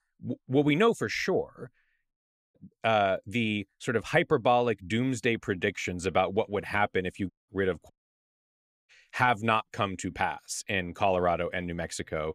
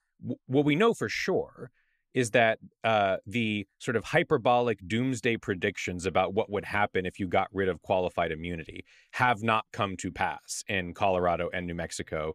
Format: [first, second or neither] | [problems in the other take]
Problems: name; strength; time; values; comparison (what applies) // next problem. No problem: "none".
second | audio cutting out; at 2 s, at 7.5 s and at 8 s for 1 s